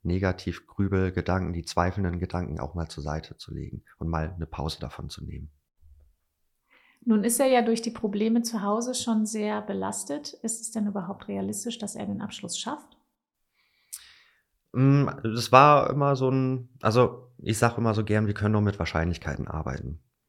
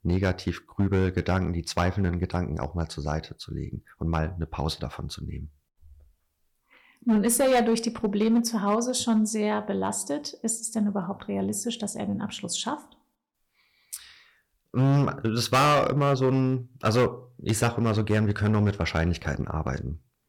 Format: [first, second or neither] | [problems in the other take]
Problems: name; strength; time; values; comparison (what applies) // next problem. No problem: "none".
first | distortion; heavy; 4% of the sound clipped